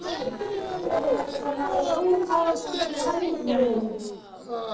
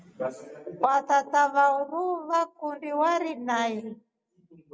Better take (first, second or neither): second